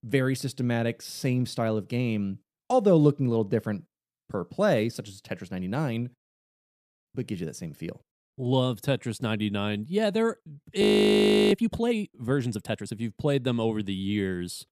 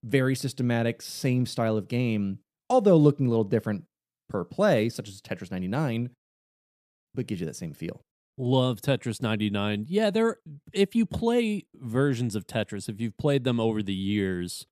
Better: second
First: audio freezing; at 11 s for 0.5 s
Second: none

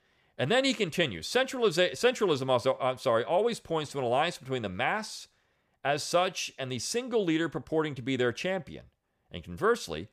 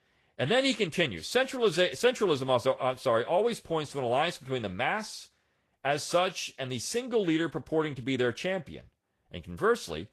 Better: first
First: none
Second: garbled, watery; slightly; nothing above 12.5 kHz

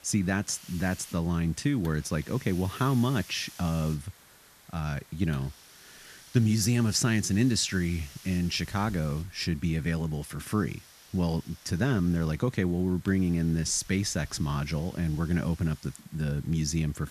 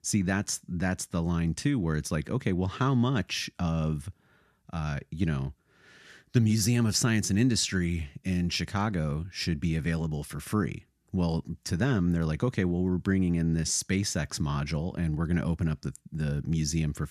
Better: second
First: hiss; faint; throughout; 20 dB below the speech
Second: none

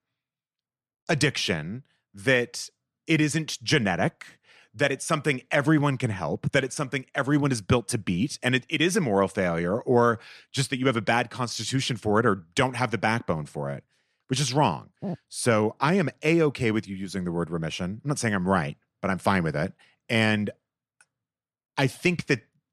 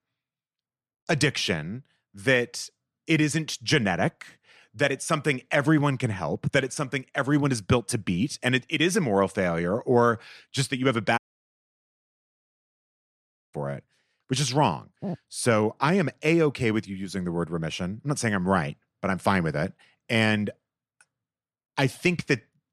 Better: first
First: none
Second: audio cutting out; at 11 s for 2.5 s

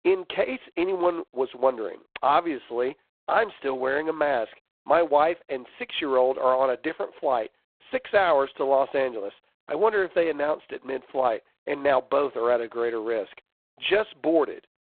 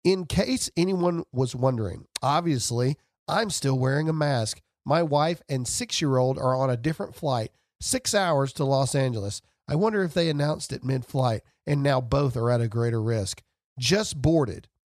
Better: second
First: phone-call audio; poor line; nothing above 3.5 kHz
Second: none

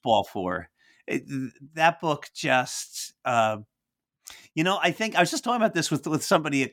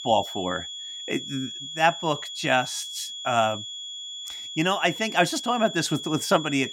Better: first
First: none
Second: high-pitched whine; loud; throughout; 3.5 kHz, 8 dB below the speech

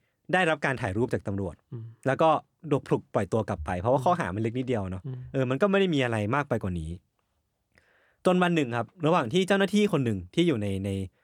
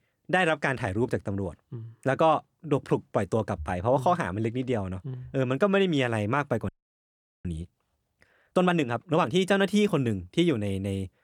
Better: first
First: none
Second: audio freezing; at 6.5 s for 1 s

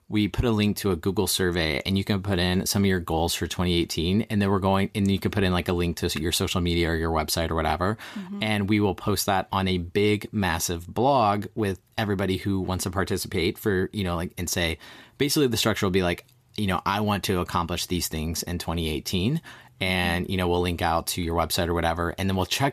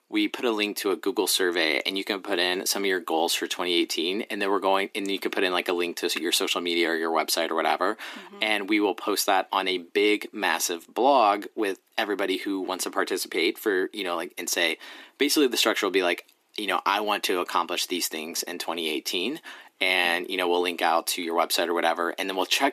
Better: first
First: none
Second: thin; somewhat; fading below 300 Hz

